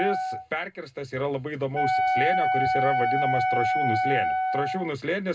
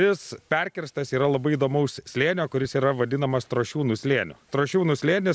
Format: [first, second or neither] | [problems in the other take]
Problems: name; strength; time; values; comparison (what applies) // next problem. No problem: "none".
second | background sound (Wind instrument, woodwind instrument); 4 dB above the speech // room echo; dies away in 0.2 s